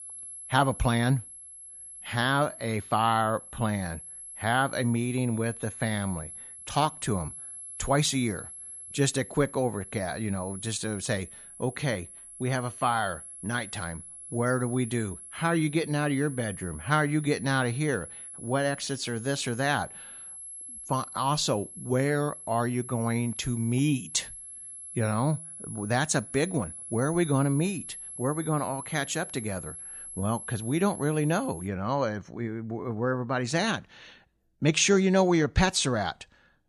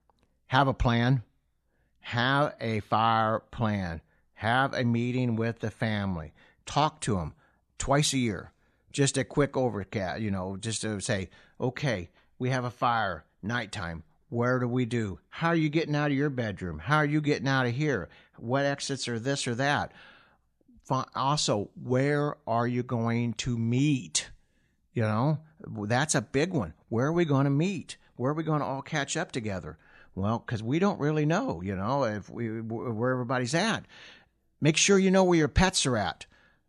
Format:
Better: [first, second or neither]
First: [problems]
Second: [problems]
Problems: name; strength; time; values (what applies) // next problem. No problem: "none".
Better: second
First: high-pitched whine; noticeable; until 32 s; 11 kHz, 10 dB below the speech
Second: none